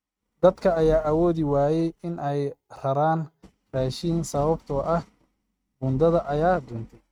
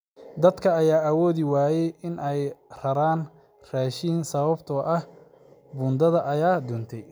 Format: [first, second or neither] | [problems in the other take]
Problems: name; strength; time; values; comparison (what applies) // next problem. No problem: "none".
second | noise reduction (neural mask model RNNoise)